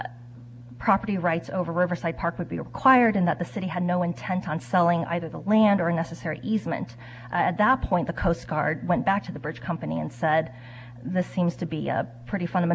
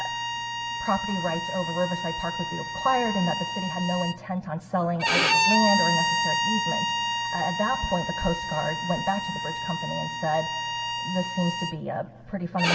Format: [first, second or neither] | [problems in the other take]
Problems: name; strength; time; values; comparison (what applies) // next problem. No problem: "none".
first | background sound (Bowed string instrument); as loud as the speech // room echo; dies away in 2.4 s